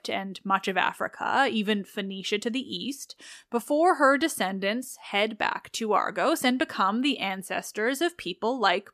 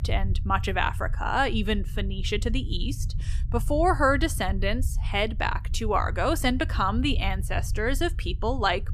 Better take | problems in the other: first | low rumble; faint; throughout; 20 dB below the speech

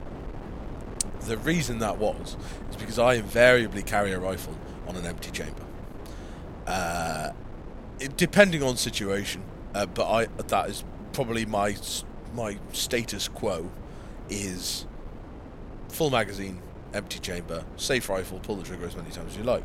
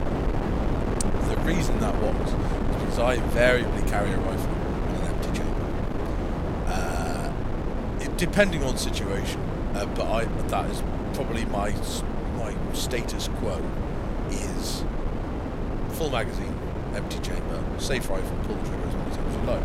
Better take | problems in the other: first | wind noise on the microphone; heavy; 3 dB below the speech; occasional gusts in the first

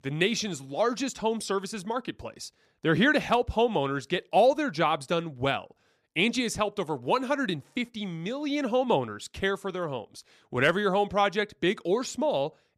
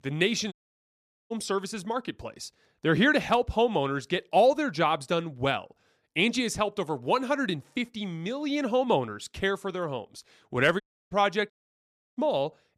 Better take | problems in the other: first | audio cutting out; at 0.5 s for 1 s, at 11 s and at 12 s for 0.5 s

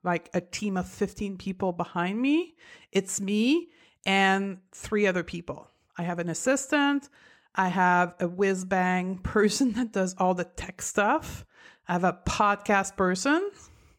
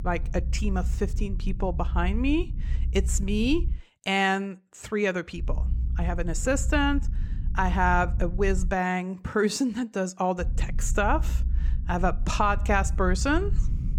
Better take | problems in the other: first | low rumble; faint; until 4 s, from 5.5 to 8.5 s and from 10 s on; 20 dB below the speech

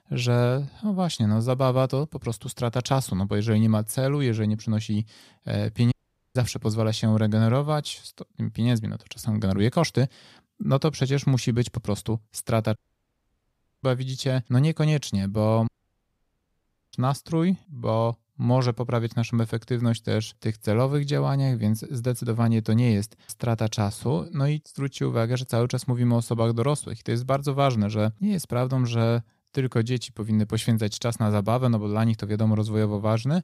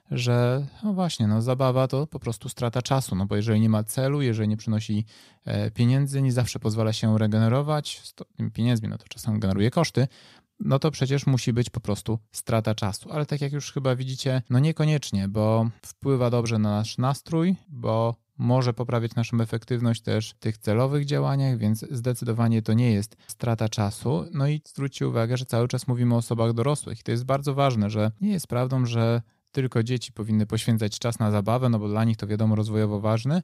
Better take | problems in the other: second | audio cutting out; at 6 s, at 13 s for 1 s and at 16 s for 1.5 s

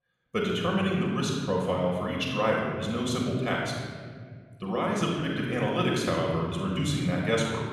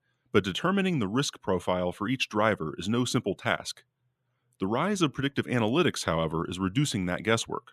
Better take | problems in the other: second | off-mic speech; somewhat distant // room echo; noticeable; dies away in 2.2 s

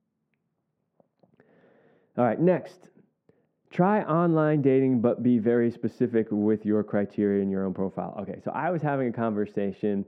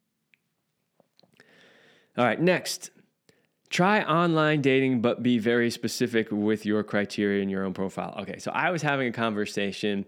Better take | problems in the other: second | muffled; very; fading above 2 kHz

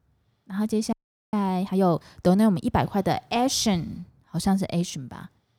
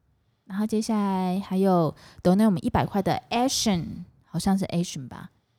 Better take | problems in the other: second | audio freezing; at 1 s

